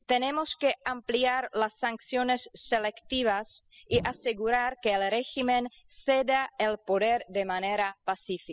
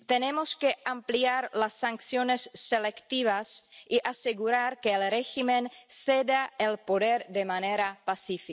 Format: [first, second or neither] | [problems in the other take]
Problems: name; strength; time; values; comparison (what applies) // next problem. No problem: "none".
second | noise reduction (classical method spectral subtraction)